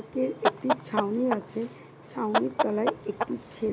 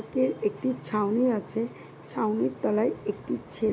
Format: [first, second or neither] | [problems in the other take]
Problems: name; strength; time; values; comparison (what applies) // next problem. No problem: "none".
second | background sound (Chicken, rooster); 1 dB below the speech